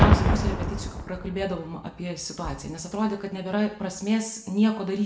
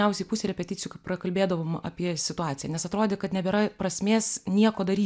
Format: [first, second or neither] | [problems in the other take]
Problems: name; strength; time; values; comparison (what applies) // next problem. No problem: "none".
second | background sound (Boom); as loud as the speech // room echo; dies away in 0.6 s